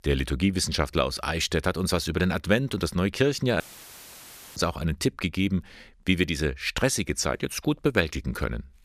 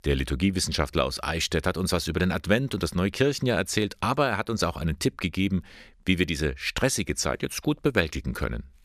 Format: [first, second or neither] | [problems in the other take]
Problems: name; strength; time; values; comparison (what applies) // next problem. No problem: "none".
second | audio cutting out; filled with static; at 3.5 s for 1 s